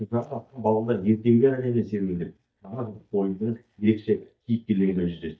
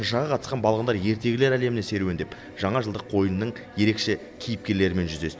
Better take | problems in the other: second | noise reduction (neural mask model DeepFilterNet 3)

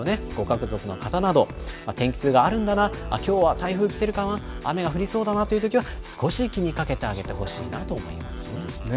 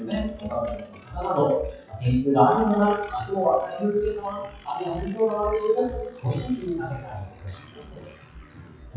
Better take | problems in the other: first | noise reduction (classical method WPE with log-MMSE)

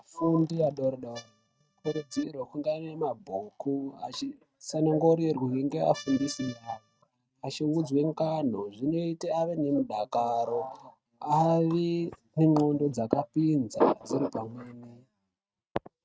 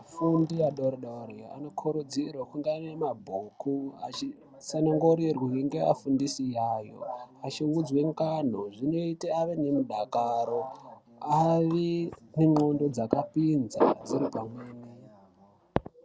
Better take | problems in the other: second | noise reduction (neural mask model RNNoise)

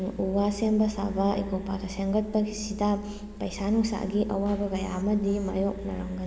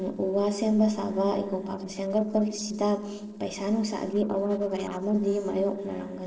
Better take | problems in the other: first | noise reduction (neural separator model SepFormer DNS4)

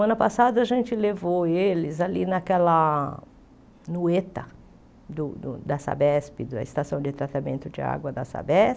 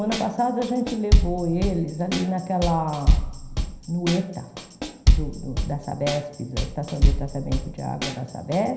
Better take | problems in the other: first | background sound (Bass drum / Snare drum / Drum kit); 2 dB above the speech // room echo; dies away in 0.9 s

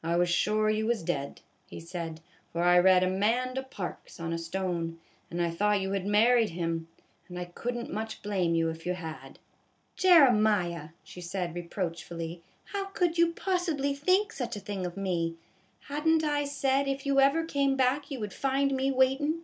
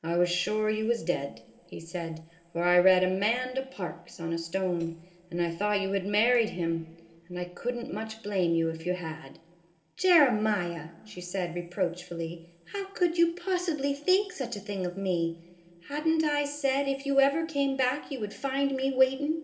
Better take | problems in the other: first | noise reduction (neural separator model SepFormer DNS4)

